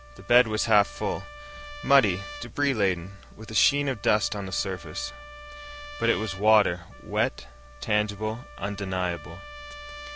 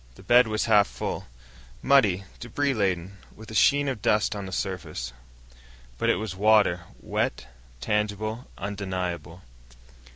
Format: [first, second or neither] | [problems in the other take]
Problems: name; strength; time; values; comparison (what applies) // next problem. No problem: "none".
second | background sound (Trumpet); 17 dB below the speech